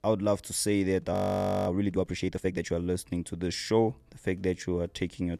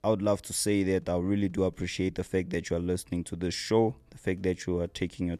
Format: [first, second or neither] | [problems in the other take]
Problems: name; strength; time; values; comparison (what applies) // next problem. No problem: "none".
second | audio freezing; at 1 s for 0.5 s